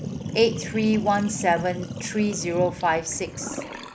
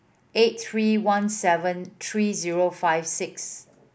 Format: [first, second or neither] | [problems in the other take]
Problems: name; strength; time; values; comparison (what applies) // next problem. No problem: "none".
second | background sound (Sink (filling or washing)); 8 dB below the speech